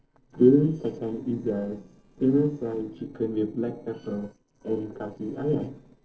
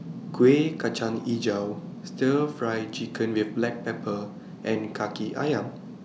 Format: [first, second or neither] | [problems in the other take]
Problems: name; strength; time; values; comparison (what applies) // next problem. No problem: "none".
second | noise reduction (neural separator model SepFormer DNS4)